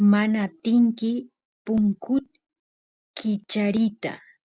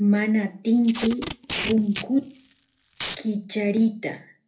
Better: first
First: none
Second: background sound (Packing tape, duct tape); 11 dB below the speech // room echo; dies away in 0.3 s

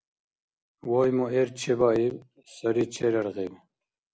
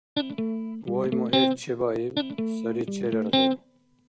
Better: first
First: none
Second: background sound (Electric guitar); 4 dB above the speech

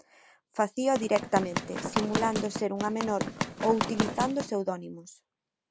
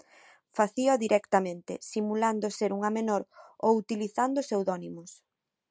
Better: second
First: background sound (Run); 2 dB below the speech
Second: none

